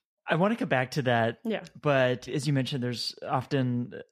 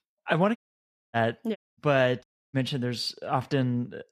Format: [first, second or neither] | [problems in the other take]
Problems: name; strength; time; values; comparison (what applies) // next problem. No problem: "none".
first | audio cutting out; at 0.5 s for 0.5 s, at 1.5 s and at 2 s